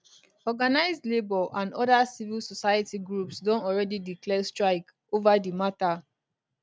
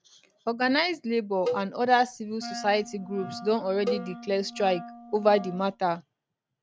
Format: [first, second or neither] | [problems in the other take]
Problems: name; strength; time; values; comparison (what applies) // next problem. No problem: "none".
first | background sound (Wind instrument, woodwind instrument + Cowbell); 10 dB below the speech